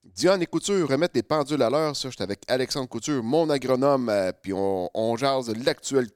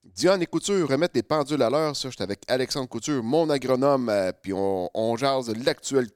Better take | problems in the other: neither | none

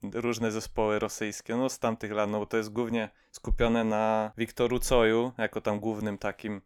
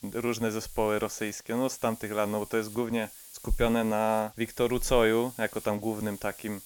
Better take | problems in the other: first | hiss; noticeable; throughout; 15 dB below the speech

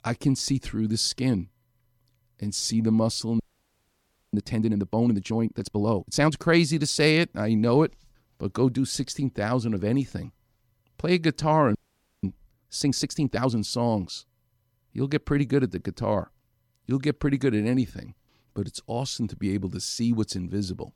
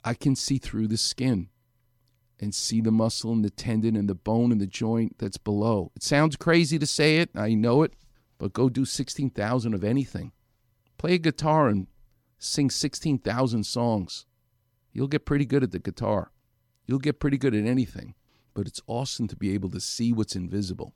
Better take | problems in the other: second | audio freezing; at 3.5 s for 1 s and at 12 s

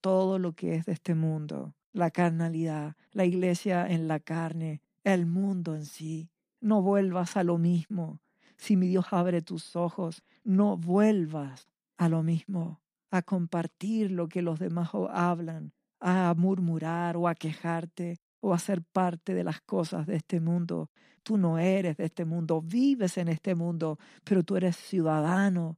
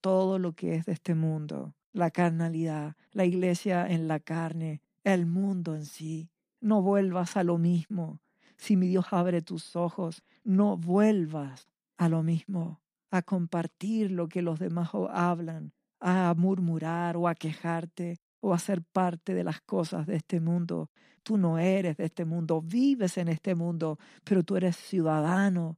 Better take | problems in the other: neither | none

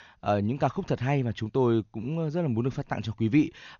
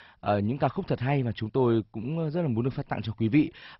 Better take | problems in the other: first | garbled, watery; badly; nothing above 5.5 kHz; slightly in the first

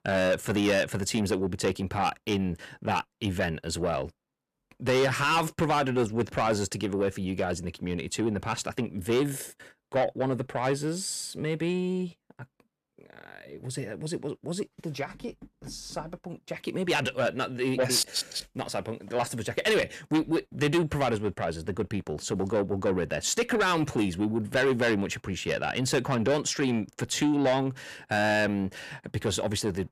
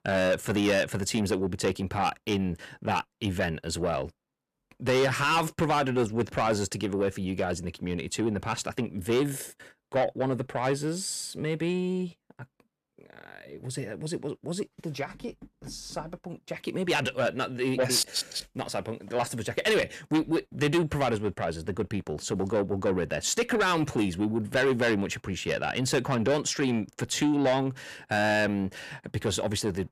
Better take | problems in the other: neither | distortion; heavy; 8 dB below the speech; the same in both

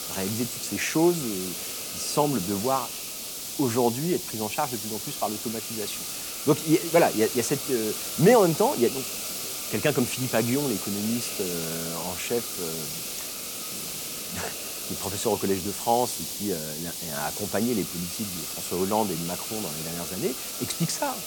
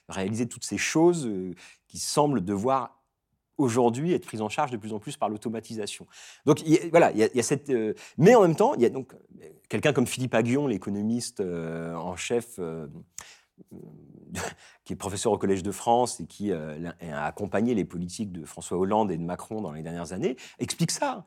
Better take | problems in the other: second | hiss; loud; throughout; 4 dB below the speech

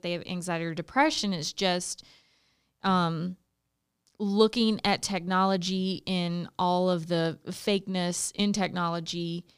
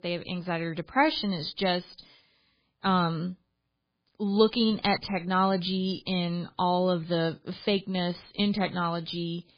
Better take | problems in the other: first | garbled, watery; badly; nothing above 4.5 kHz

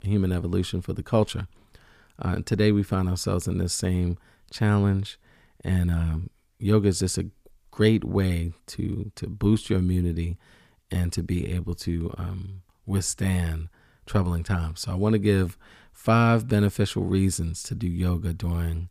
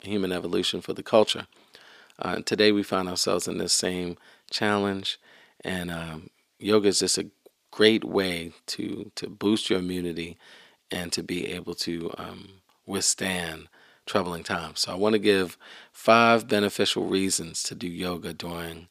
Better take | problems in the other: first | thin; somewhat; fading below 350 Hz

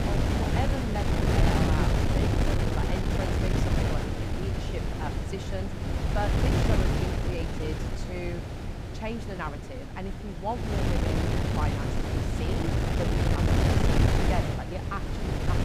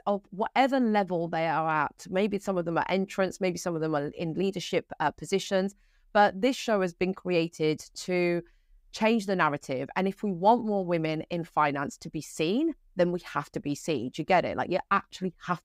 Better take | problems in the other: second | wind noise on the microphone; heavy; 4 dB above the speech

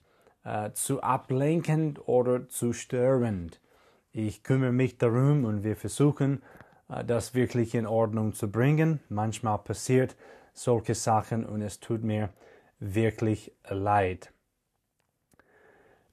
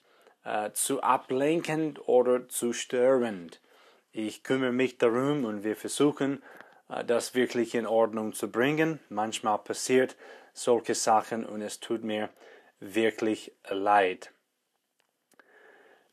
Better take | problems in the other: first | thin; somewhat; fading below 250 Hz

